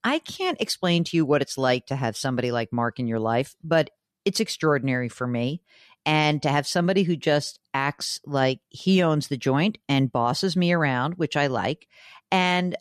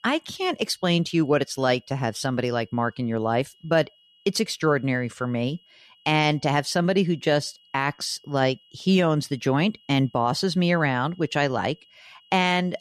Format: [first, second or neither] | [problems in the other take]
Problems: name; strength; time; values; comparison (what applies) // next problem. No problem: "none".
first | high-pitched whine; faint; throughout; 3 kHz, 30 dB below the speech